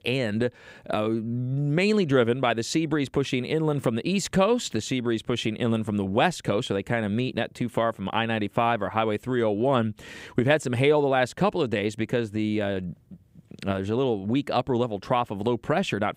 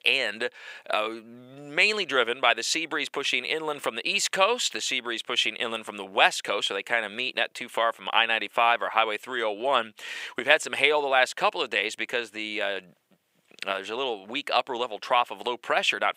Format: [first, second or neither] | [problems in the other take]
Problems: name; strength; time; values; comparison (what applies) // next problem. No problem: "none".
first | thin; very; fading below 750 Hz